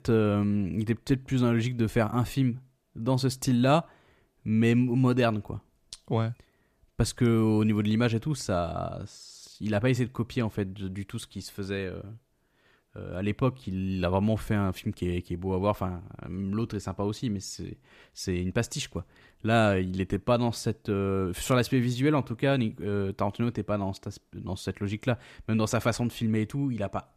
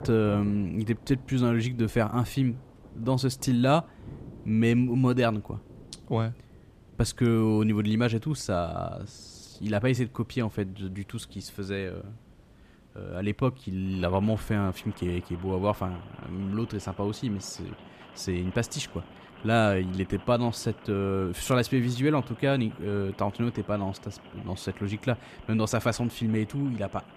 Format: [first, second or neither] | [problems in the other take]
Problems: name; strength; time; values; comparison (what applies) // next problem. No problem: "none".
first | rain or running water; faint; throughout; 20 dB below the speech